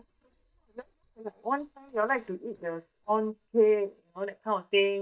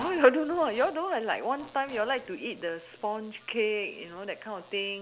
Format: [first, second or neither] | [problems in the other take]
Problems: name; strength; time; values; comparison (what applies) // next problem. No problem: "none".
second | noise reduction (neural mask model DeepFilterNet 3)